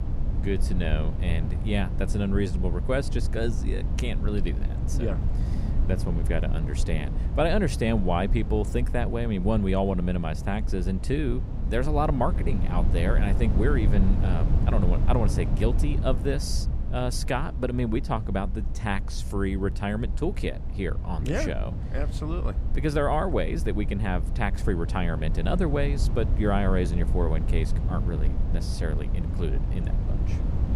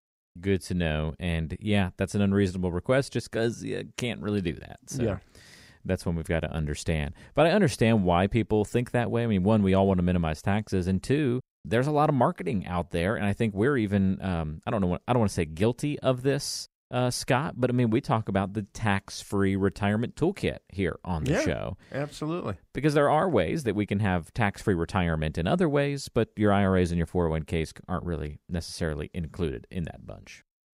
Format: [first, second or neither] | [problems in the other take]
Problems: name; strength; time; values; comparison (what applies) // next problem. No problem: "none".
second | low rumble; noticeable; throughout; 10 dB below the speech